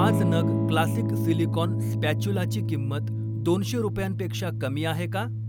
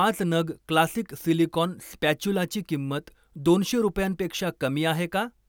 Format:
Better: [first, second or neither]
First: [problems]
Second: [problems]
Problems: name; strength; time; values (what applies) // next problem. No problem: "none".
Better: second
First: background sound (Electric guitar / Strum); 3 dB above the speech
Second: none